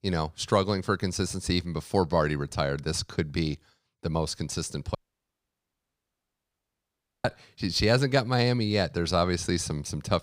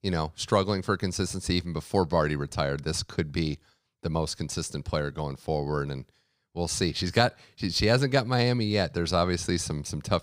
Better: second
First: audio cutting out; at 5 s for 2.5 s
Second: none

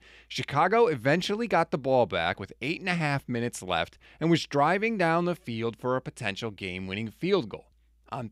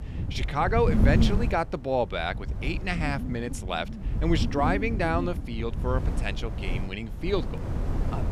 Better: first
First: none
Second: wind noise on the microphone; heavy; 10 dB below the speech

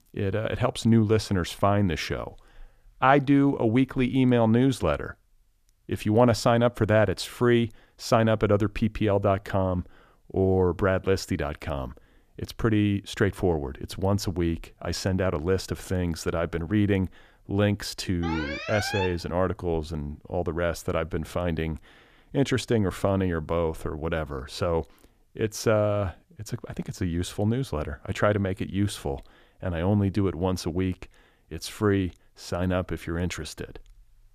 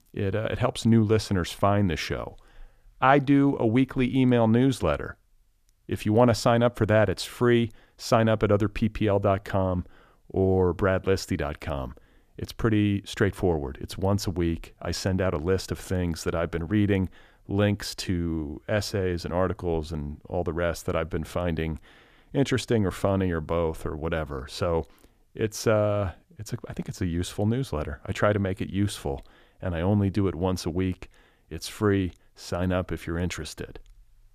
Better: second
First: alarm; noticeable; at 18 s; peak 4 dB below the speech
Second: none

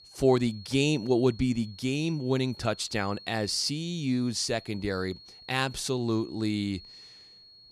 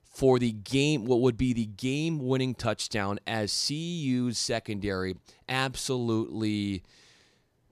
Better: second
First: high-pitched whine; noticeable; throughout; 4.5 kHz, 20 dB below the speech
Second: none

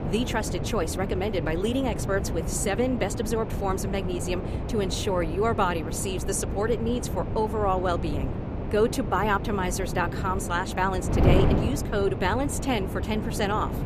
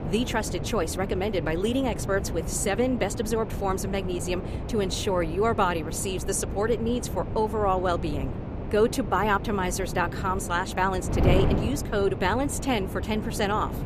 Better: second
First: wind noise on the microphone; heavy; 8 dB below the speech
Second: wind noise on the microphone; occasional gusts; 10 dB below the speech

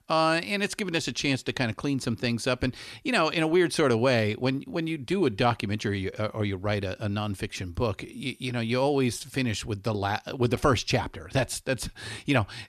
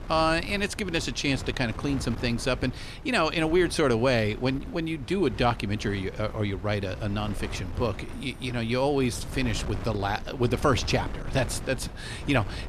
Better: first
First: none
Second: wind noise on the microphone; occasional gusts; 15 dB below the speech

